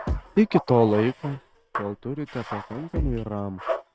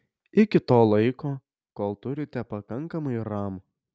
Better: second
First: noise reduction (neural mask model RNNoise)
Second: none

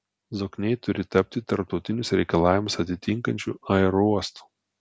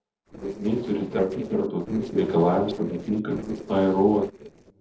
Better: first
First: none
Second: noise reduction (neural separator model SepFormer DNS4)

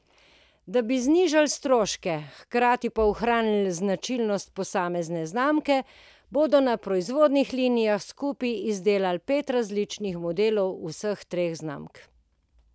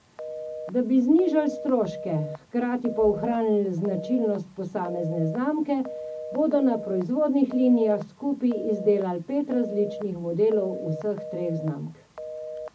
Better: first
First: none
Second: background sound (Telephone); 12 dB below the speech // room echo; dies away in 0.4 s

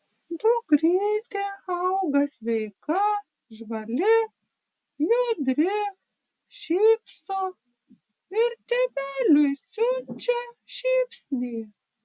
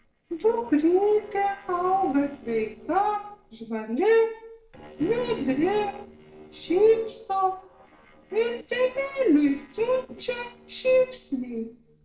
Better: first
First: none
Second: noise reduction (neural separator model SepFormer DNS4)

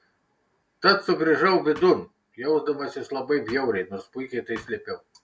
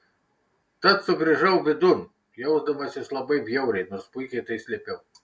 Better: second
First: background sound (Thump, thud); 20 dB below the speech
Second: none

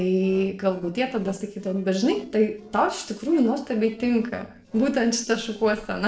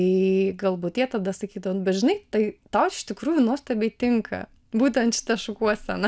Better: second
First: noise reduction (neural separator model SepFormer DNS4)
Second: none

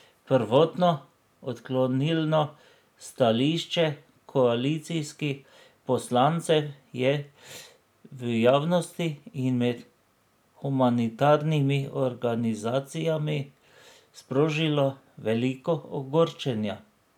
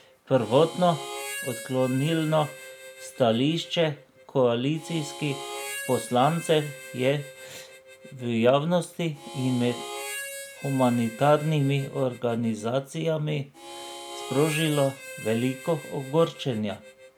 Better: first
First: none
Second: background sound (Harmonica); 14 dB below the speech

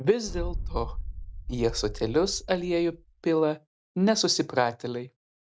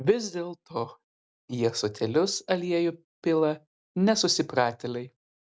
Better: second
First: background sound (Boom); 8 dB below the speech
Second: none

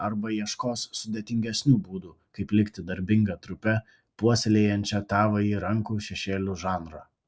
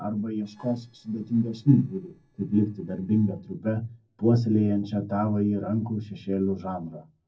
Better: first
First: none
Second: noise reduction (neural separator model SepFormer DNS4)

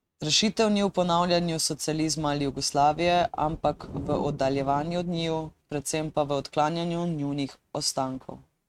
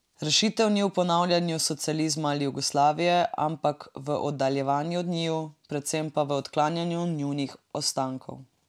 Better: second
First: noise reduction (neural mask model RNNoise)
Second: none

